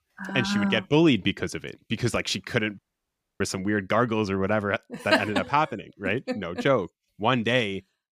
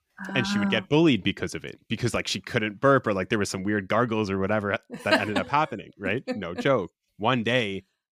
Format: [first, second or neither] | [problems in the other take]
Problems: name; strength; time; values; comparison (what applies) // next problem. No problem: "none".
second | audio cutting out; at 3 s for 0.5 s